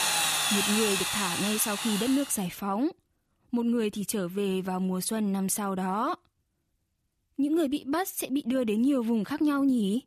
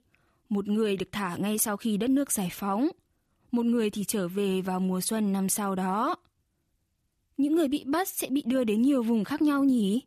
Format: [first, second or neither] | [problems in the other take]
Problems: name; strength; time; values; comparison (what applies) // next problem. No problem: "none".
second | machinery noise; very loud; until 2 s; 1 dB above the speech